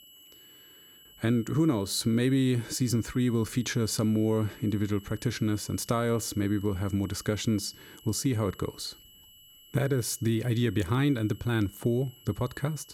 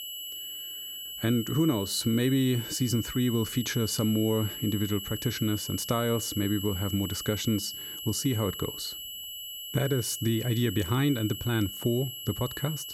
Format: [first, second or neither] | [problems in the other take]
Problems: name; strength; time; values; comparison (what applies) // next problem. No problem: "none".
first | high-pitched whine; loud; throughout; 3 kHz, 7 dB below the speech; faint in the first